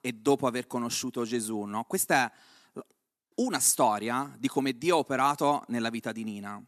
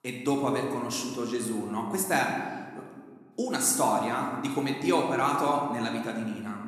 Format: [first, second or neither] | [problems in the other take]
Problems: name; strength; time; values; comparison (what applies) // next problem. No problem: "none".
first | room echo; noticeable; dies away in 1.4 s